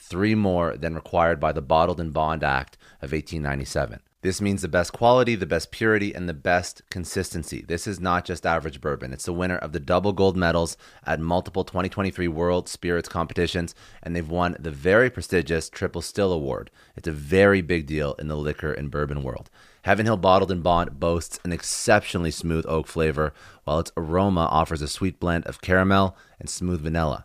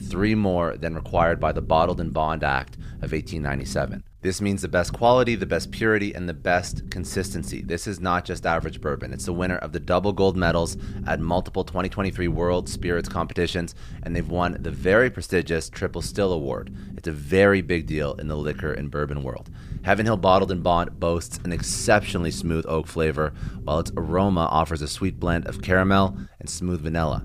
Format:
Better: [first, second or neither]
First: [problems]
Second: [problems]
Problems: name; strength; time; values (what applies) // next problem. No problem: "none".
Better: first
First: none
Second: low rumble; faint; throughout; 25 dB below the speech